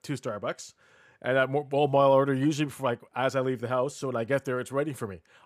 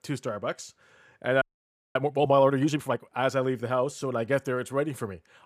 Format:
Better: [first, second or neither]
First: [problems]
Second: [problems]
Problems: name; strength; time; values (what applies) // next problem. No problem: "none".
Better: first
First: none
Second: audio freezing; at 1.5 s for 0.5 s